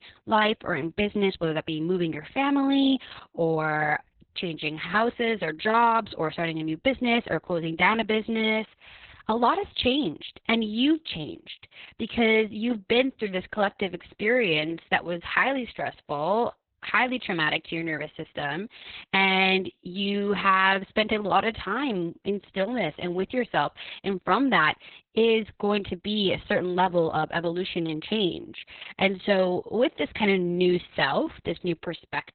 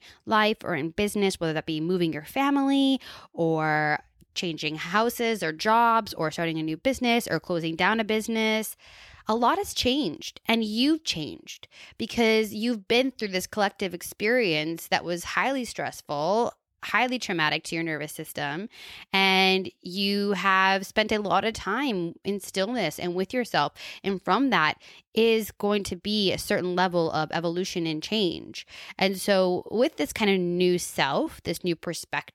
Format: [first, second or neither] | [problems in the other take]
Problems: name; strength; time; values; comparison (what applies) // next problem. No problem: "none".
second | garbled, watery; badly; nothing above 4 kHz